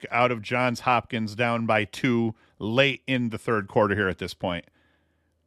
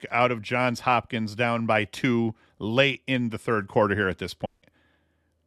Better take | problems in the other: first | audio cutting out; at 4.5 s

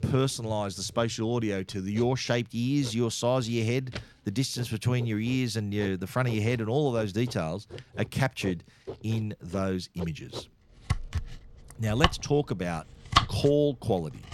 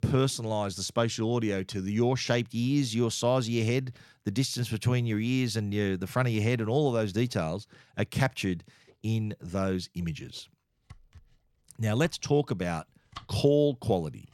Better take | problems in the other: second | household noises; loud; throughout; 7 dB below the speech; faint in the second

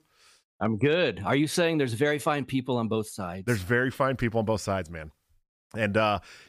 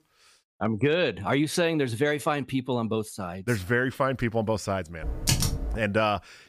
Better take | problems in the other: first | keyboard typing; loud; at 5 s; peak 2 dB above the speech

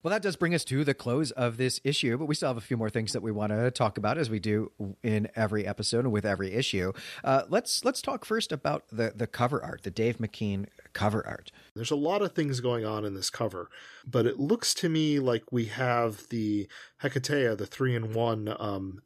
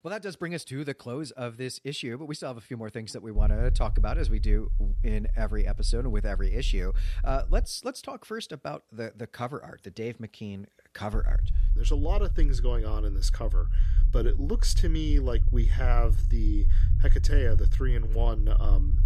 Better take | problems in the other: first | low rumble; noticeable; from 3.5 to 7.5 s and from 11 s on; 15 dB below the speech

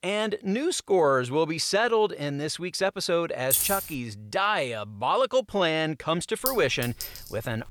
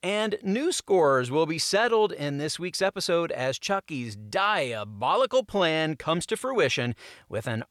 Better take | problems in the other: second | jangling keys; loud; at 3.5 s; peak 3 dB above the speech // clattering dishes; noticeable; from 6.5 s on; peak 4 dB below the speech

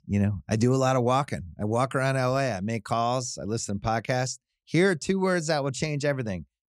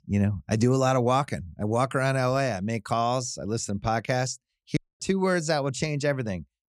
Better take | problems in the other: first | audio cutting out; at 5 s

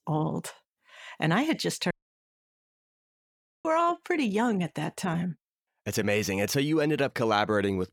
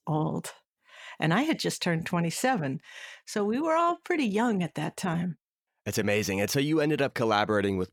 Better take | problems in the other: second | audio cutting out; at 2 s for 1.5 s

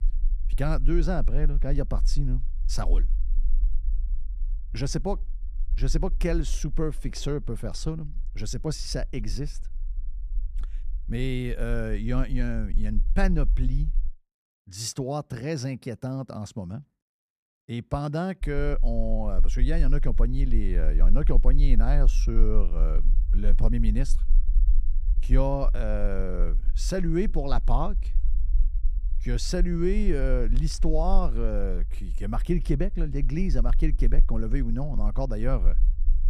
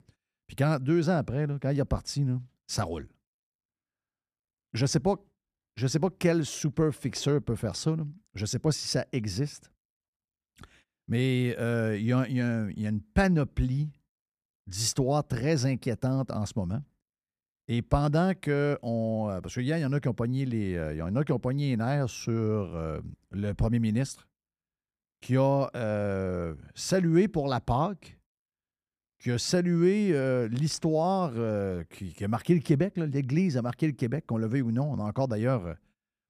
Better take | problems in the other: second | low rumble; faint; until 14 s and from 18 s on; 20 dB below the speech

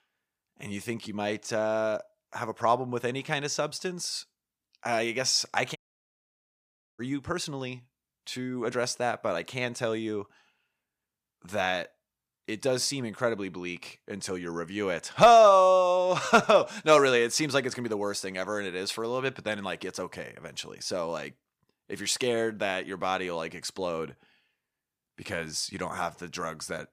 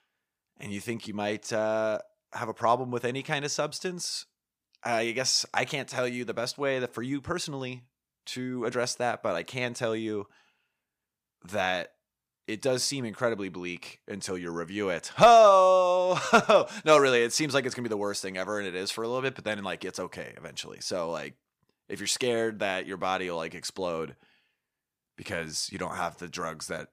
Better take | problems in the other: second | audio cutting out; at 6 s for 1 s

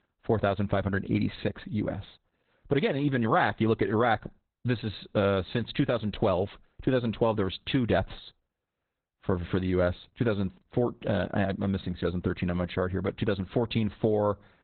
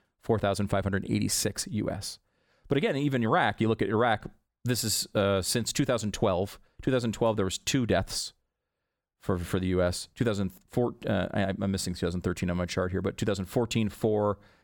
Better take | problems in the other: second | garbled, watery; badly; nothing above 4 kHz

